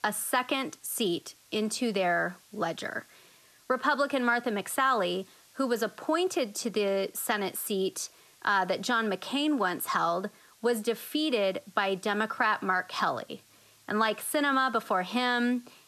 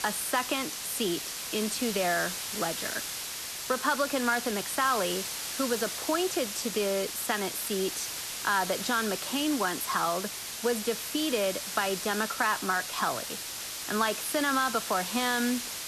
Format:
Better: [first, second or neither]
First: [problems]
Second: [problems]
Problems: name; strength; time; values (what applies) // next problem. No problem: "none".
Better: first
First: hiss; faint; throughout; 30 dB below the speech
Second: hiss; loud; throughout; 4 dB below the speech